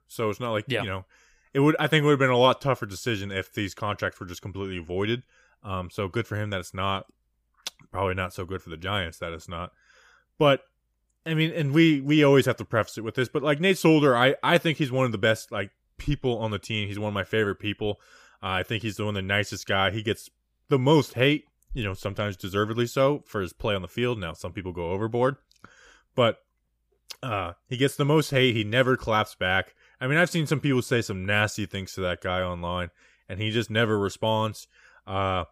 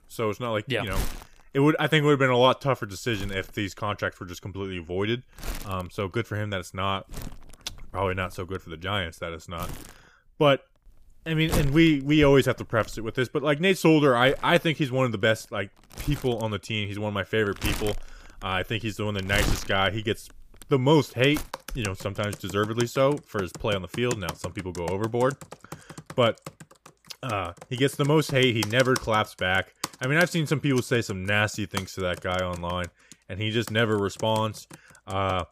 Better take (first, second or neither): first